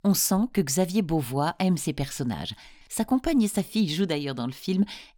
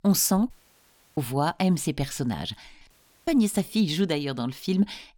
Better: first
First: none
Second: audio cutting out; at 0.5 s for 0.5 s and at 3 s

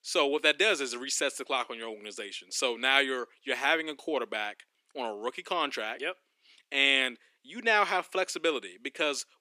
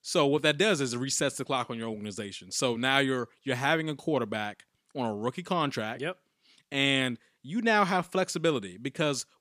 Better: second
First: thin; somewhat; fading below 300 Hz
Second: none

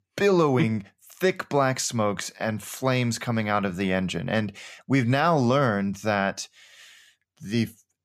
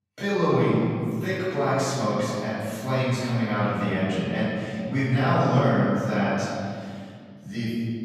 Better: first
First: none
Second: room echo; strong; dies away in 2.3 s // off-mic speech; far

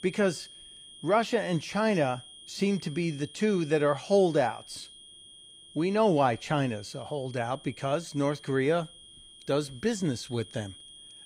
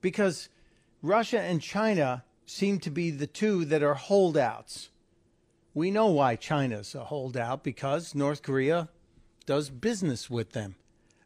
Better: second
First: high-pitched whine; noticeable; throughout; 3 kHz, 20 dB below the speech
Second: none

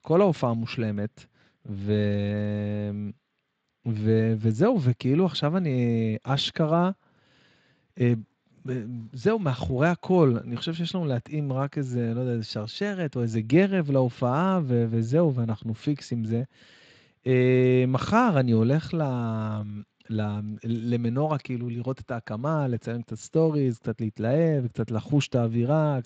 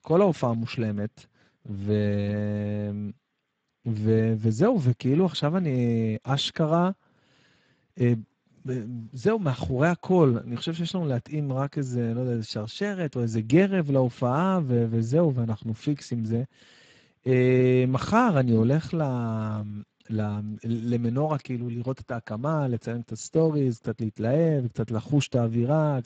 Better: first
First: garbled, watery; slightly; nothing above 7.5 kHz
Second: garbled, watery; badly; nothing above 7.5 kHz

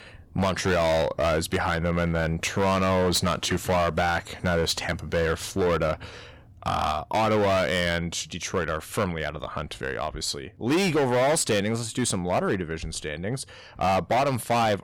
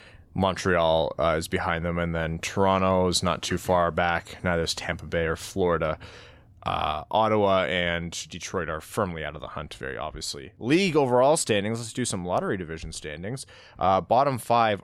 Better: second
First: distortion; heavy; 12% of the sound clipped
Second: none

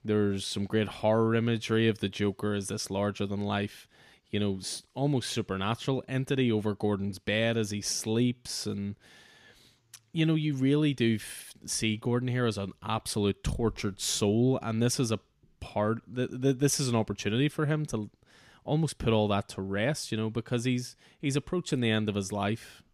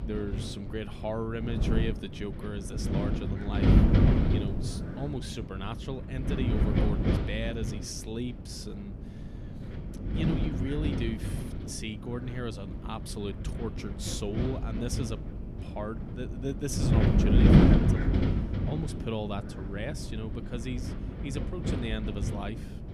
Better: first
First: none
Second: wind noise on the microphone; heavy; 2 dB above the speech

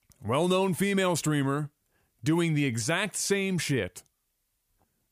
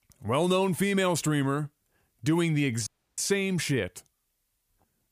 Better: first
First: none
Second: audio cutting out; at 3 s

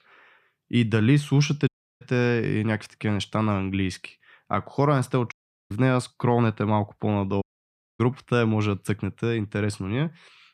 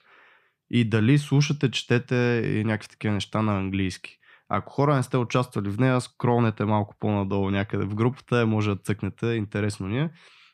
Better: second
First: audio cutting out; at 1.5 s, at 5.5 s and at 7.5 s for 0.5 s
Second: none

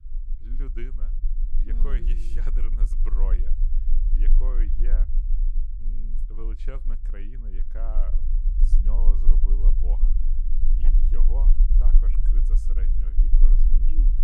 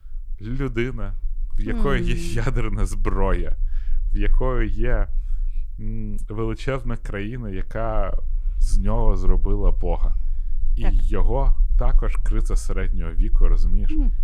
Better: second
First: low rumble; loud; throughout; 4 dB below the speech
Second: low rumble; faint; throughout; 25 dB below the speech

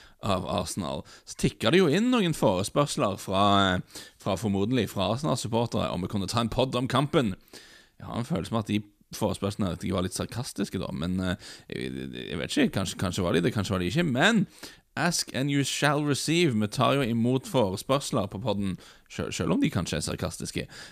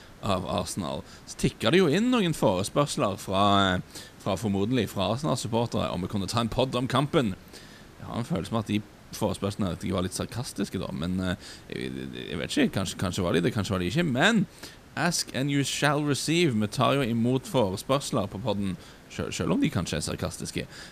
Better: first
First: none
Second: hiss; faint; throughout; 25 dB below the speech

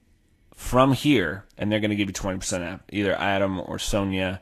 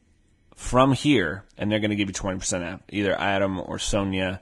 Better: first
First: garbled, watery; slightly; nothing above 13 kHz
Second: garbled, watery; badly

